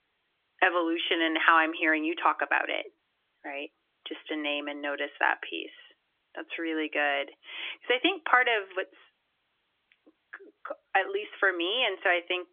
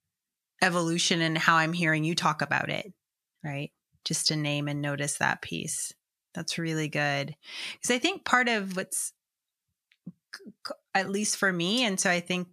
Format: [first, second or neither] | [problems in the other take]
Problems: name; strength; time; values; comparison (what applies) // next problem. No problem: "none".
second | phone-call audio; nothing above 3.5 kHz